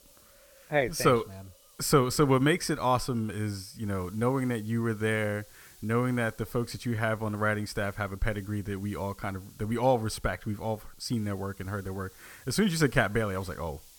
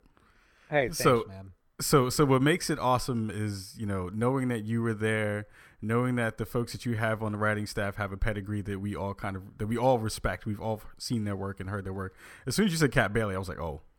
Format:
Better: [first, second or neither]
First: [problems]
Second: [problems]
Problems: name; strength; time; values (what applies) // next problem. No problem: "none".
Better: second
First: hiss; faint; throughout; 25 dB below the speech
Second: none